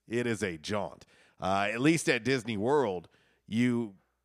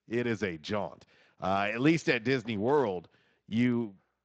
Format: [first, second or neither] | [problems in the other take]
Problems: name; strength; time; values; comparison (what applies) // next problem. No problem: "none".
first | garbled, watery; slightly; nothing above 7.5 kHz